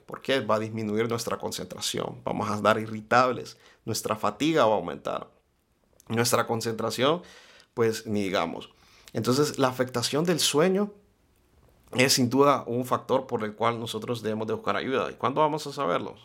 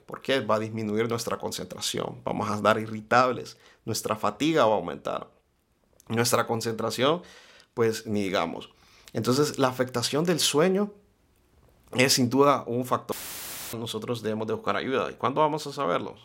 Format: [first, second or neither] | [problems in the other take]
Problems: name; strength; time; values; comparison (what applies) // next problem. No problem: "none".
first | audio cutting out; filled with static; at 13 s for 0.5 s